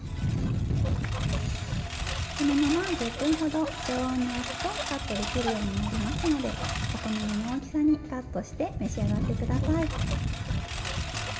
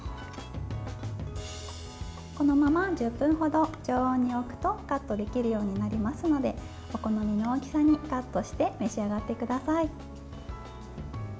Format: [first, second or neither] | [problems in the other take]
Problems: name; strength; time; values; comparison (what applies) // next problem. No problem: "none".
second | background sound (Engine); 1 dB below the speech // room echo; dies away in 0.8 s